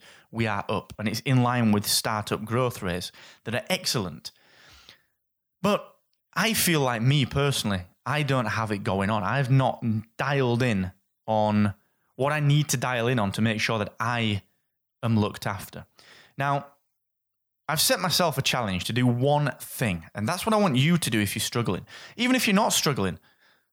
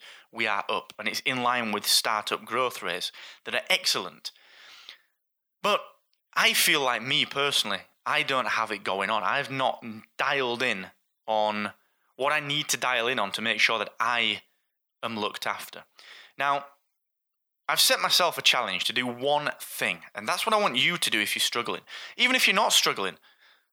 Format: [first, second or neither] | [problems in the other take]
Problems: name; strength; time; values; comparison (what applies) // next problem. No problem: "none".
first | thin; somewhat; fading below 400 Hz